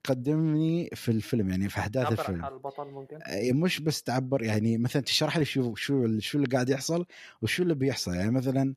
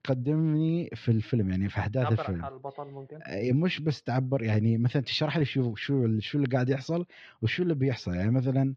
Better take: first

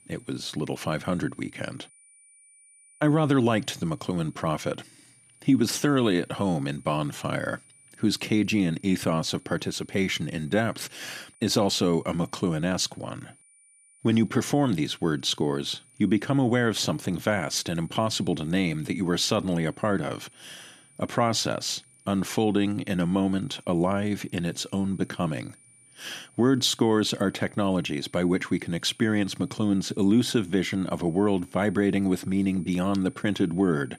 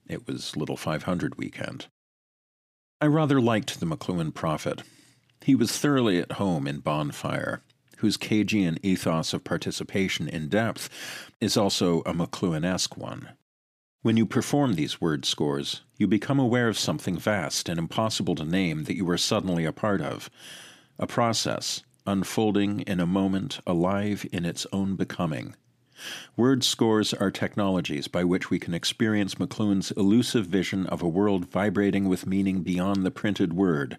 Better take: second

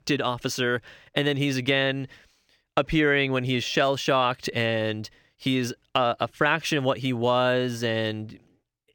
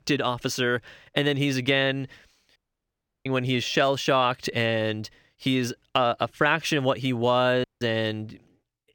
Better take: first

